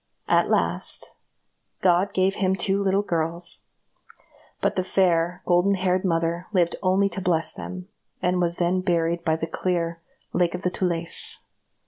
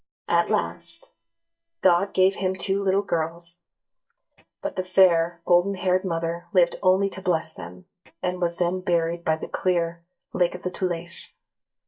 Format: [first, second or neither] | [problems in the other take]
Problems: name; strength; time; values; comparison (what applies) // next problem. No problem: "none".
first | noise reduction (neural mask model DeepFilterNet 3)